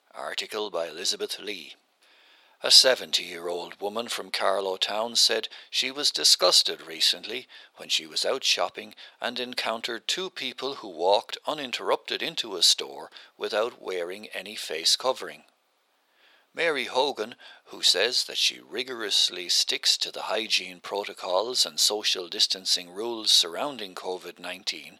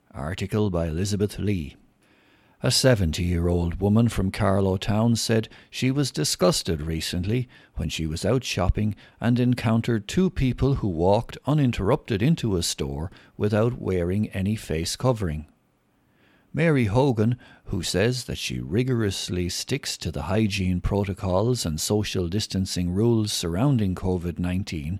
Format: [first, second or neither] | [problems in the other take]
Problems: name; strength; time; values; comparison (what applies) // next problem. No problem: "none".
second | thin; very; fading below 500 Hz